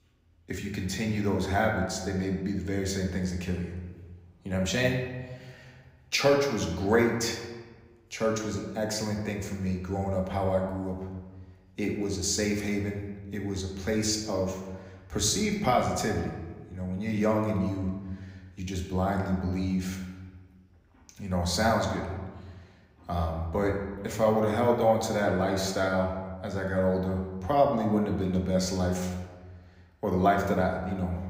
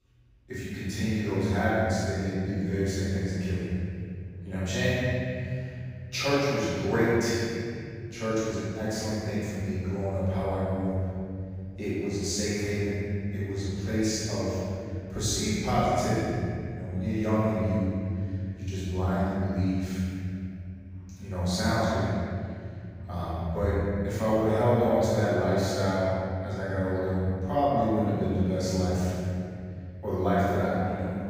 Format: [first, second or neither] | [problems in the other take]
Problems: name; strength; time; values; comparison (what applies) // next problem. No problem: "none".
first | room echo; strong; dies away in 3 s; slight in the first // off-mic speech; far; somewhat distant in the first